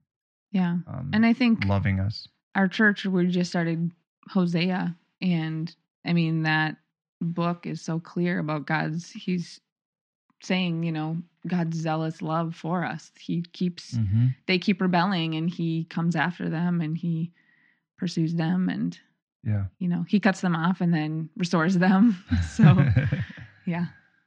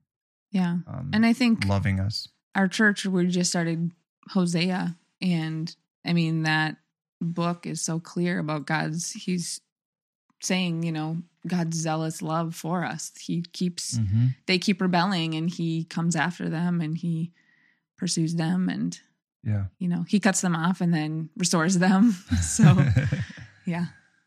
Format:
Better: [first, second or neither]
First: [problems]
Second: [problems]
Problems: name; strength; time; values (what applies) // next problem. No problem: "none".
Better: second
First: muffled; slightly; fading above 4 kHz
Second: none